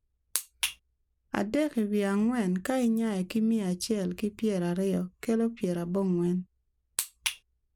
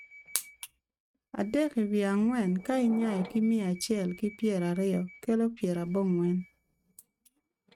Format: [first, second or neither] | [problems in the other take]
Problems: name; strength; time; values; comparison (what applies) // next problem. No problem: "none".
first | noise reduction (neural mask model RNNoise)